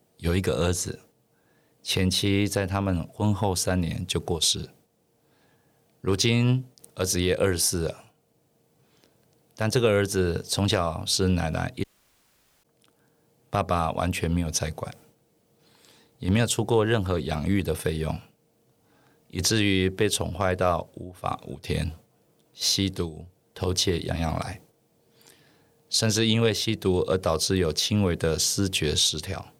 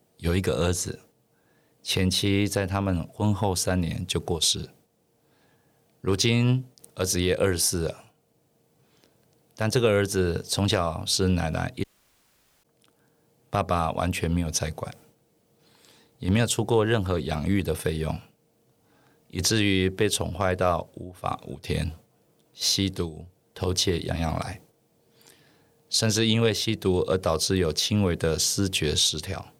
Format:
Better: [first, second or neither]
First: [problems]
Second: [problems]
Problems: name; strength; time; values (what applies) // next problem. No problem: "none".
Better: neither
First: audio cutting out; at 12 s for 1 s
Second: audio cutting out; at 12 s for 1 s